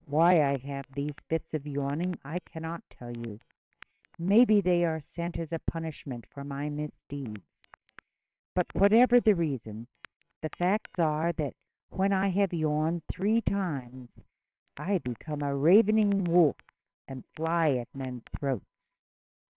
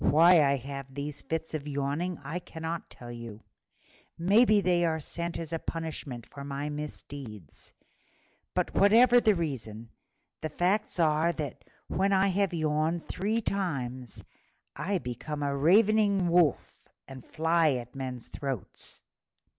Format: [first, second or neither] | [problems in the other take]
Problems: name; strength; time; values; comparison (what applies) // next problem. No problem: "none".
second | noise reduction (neural separator model SepFormer WHAMR!)